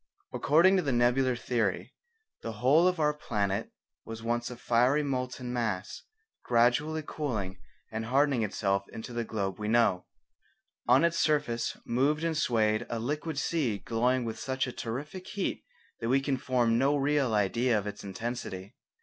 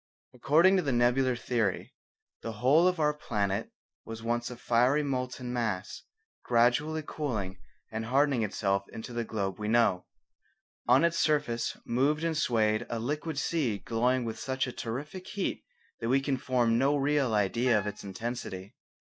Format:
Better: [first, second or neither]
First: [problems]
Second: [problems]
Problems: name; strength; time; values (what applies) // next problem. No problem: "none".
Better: first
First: none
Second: noise reduction (neural mask model DeepFilterNet 3)